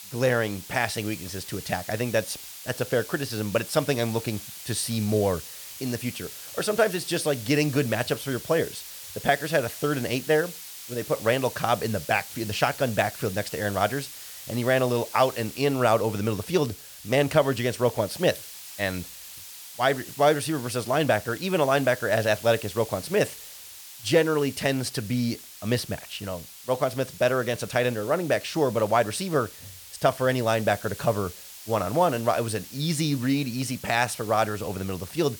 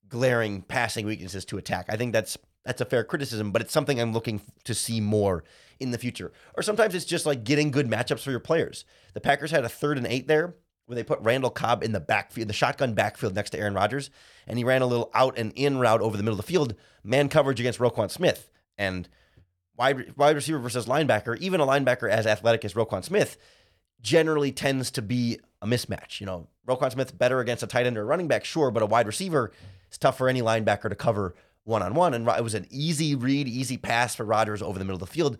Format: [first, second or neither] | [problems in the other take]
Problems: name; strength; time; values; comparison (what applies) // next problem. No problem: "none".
second | hiss; noticeable; throughout; 15 dB below the speech